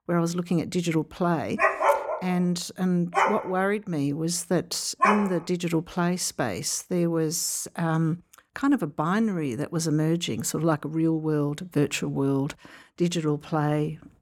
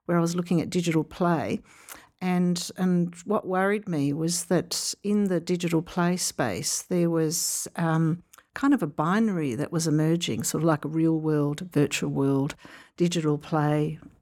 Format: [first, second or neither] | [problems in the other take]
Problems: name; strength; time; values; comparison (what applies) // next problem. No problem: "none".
second | dog barking; loud; from 1.5 to 5 s; peak 5 dB above the speech